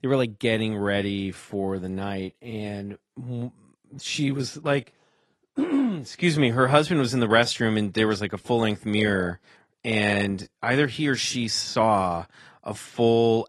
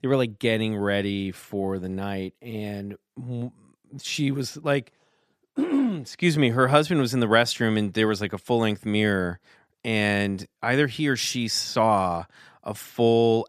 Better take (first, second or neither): second